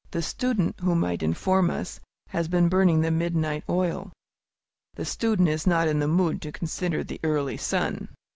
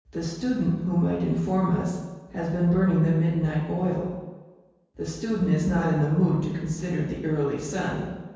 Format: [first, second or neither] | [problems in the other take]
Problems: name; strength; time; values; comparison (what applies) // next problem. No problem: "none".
first | room echo; dies away in 1.2 s